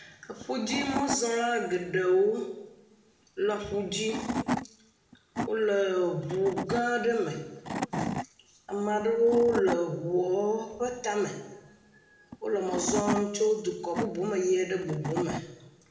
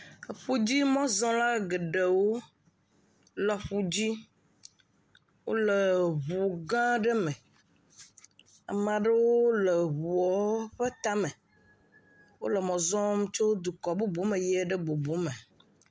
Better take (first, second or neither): second